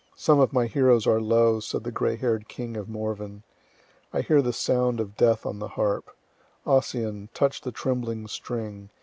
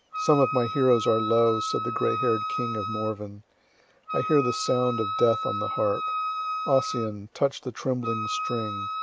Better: first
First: none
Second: background sound (Wind instrument, woodwind instrument); 5 dB below the speech

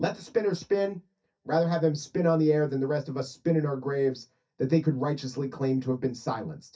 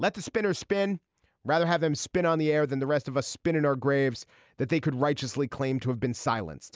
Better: second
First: noise reduction (neural mask model DeepFilterNet 3)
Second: none

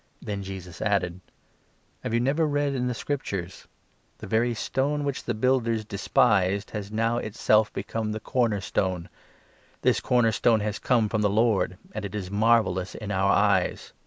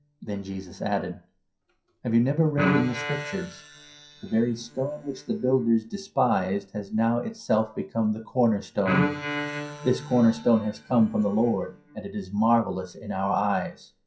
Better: first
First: none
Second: noise reduction (classical method WPE with log-MMSE)

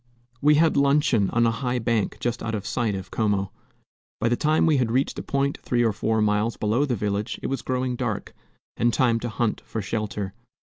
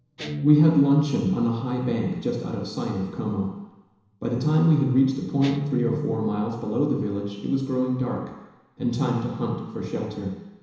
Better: first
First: none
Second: background sound (Guitar); 13 dB below the speech // room echo; dies away in 1 s

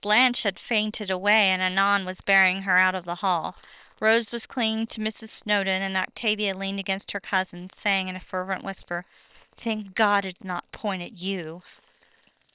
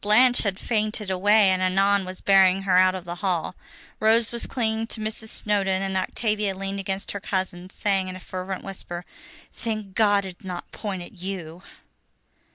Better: second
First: noise reduction (neural separator model SepFormer WHAM!)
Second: none

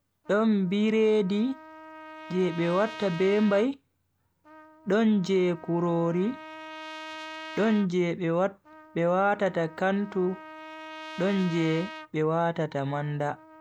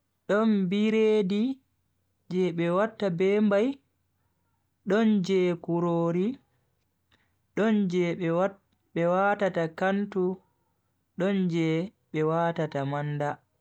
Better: second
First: background sound (Trumpet); 16 dB below the speech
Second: none

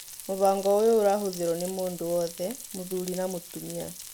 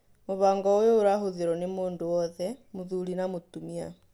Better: second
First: background sound (Frying (food)); 15 dB below the speech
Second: none

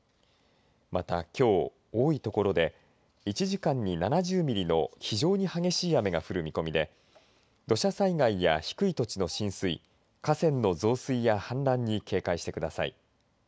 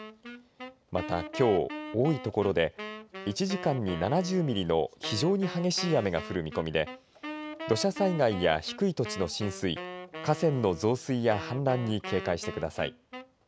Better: first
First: none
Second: background sound (Wind instrument, woodwind instrument); 12 dB below the speech

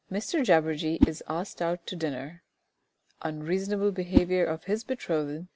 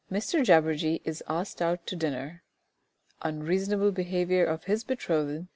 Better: second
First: background sound (Whoosh, swoosh, swish); 4 dB below the speech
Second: none

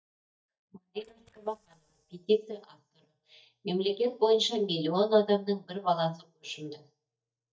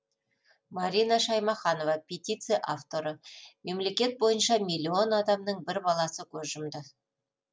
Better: second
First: noise reduction (neural mask model DeepFilterNet 3)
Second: none

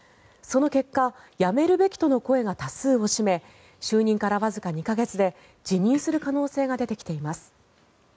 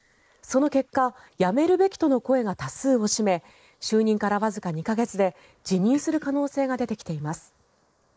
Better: first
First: none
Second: noise reduction (neural mask model Resemble Enhance denoiser)

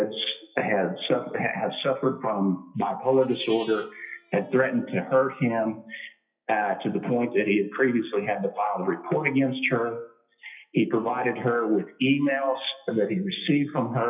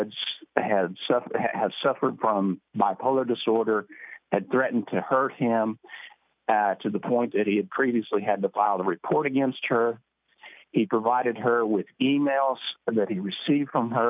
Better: second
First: noise reduction (classical method WPE with log-MMSE)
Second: none

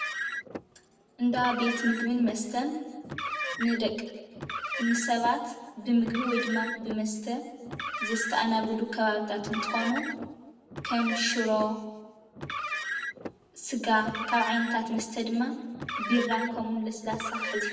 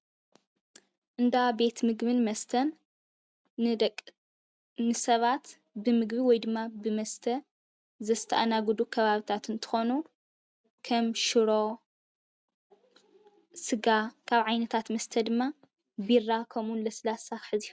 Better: second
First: background sound (Car); 6 dB below the speech // room echo; dies away in 1.2 s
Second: none

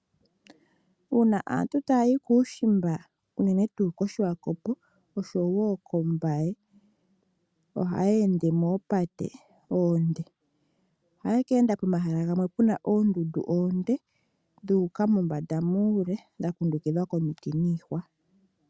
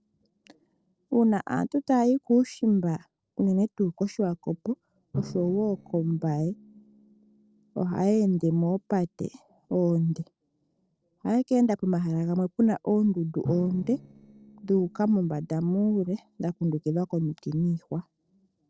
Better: first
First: none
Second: noise reduction (neural separator model SepFormer DNS4)

